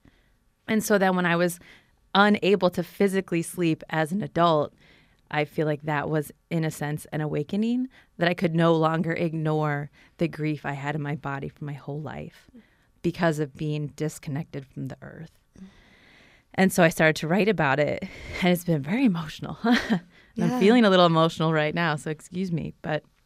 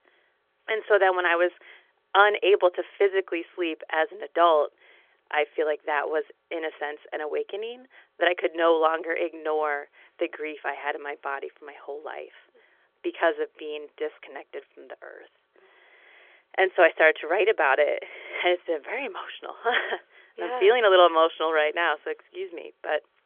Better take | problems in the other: first | phone-call audio; nothing above 3.5 kHz

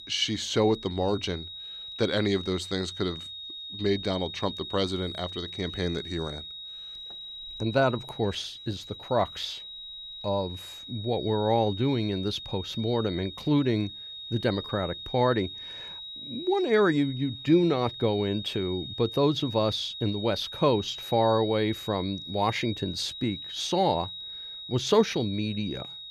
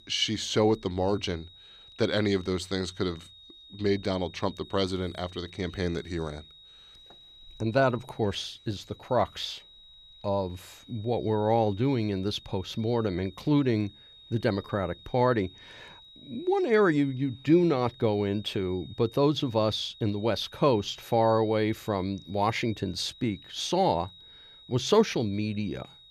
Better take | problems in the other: second | high-pitched whine; loud; throughout; 3.5 kHz, 10 dB below the speech; faint in the second

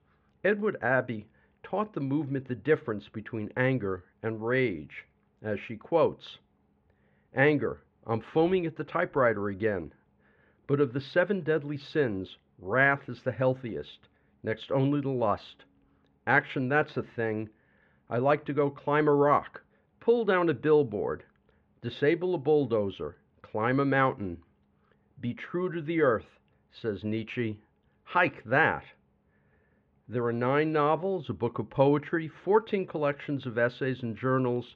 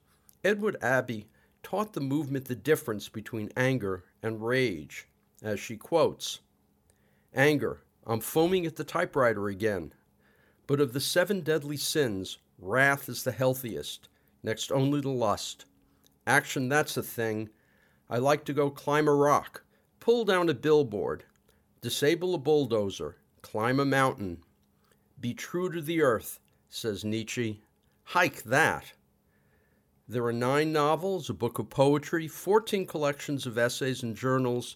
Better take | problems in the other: second | muffled; very; fading above 3 kHz

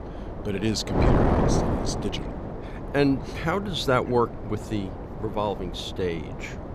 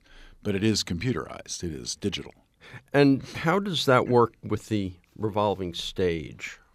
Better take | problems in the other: second | wind noise on the microphone; heavy; 4 dB below the speech

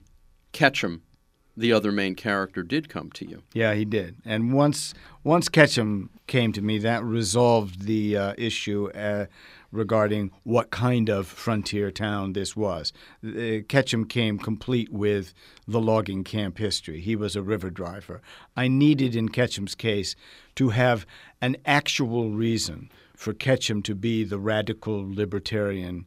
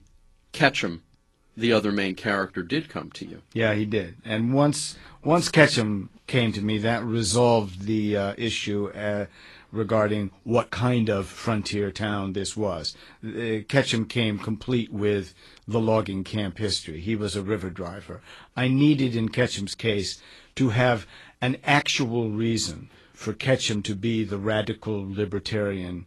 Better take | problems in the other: first | garbled, watery; slightly

